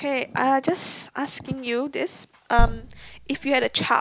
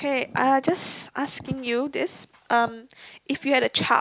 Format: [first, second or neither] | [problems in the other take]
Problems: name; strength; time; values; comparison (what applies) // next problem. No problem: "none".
second | background sound (Bass drum); 2 dB above the speech